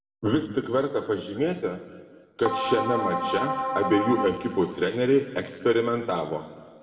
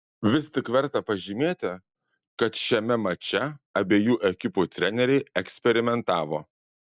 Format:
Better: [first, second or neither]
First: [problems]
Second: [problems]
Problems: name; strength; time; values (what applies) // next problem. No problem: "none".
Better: second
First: background sound (Keyboard (musical)); 3 dB below the speech // room echo; dies away in 1.6 s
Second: none